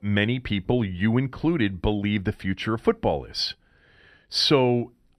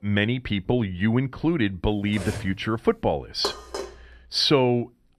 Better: first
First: none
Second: clattering dishes; faint; at 2 s; peak 10 dB below the speech // clattering dishes; noticeable; at 3.5 s; peak 8 dB below the speech

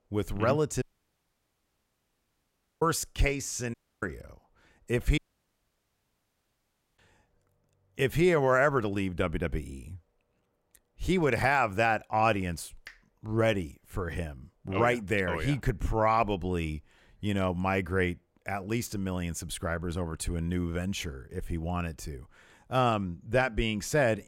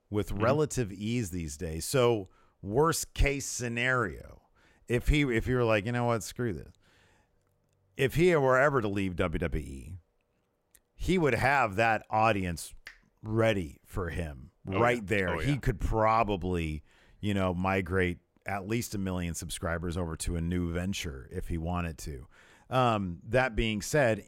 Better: second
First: audio cutting out; at 1 s for 2 s, at 3.5 s and at 5 s for 2 s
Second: none

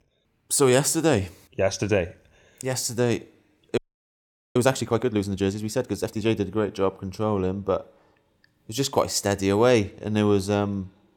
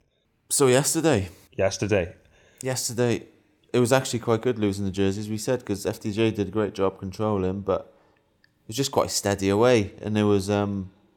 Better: second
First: audio freezing; at 4 s for 1 s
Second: none

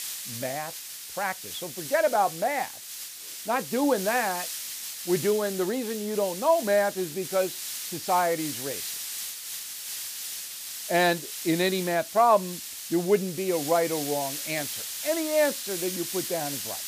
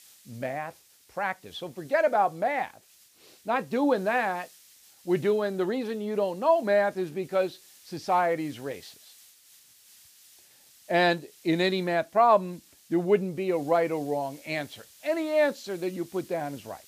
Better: second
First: hiss; loud; throughout; 7 dB below the speech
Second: hiss; faint; throughout; 25 dB below the speech

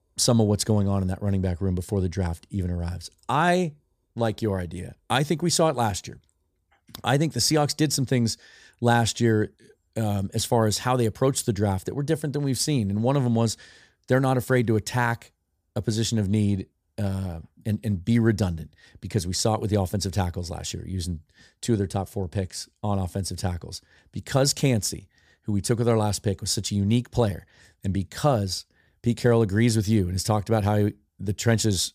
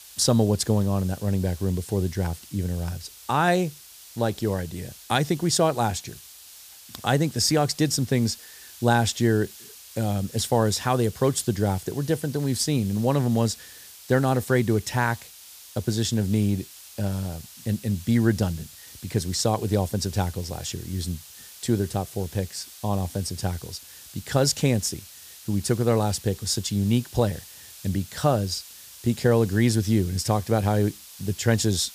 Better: first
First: none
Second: hiss; noticeable; throughout; 20 dB below the speech

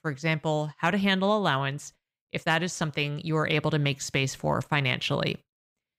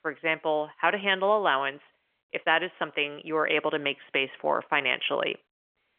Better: first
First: none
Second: phone-call audio; nothing above 3.5 kHz

